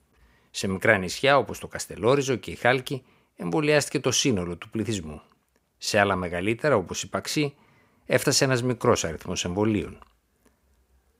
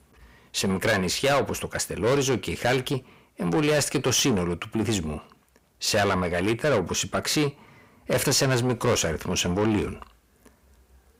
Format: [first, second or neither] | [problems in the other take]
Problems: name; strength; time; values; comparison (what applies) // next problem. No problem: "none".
first | distortion; heavy; 6 dB below the speech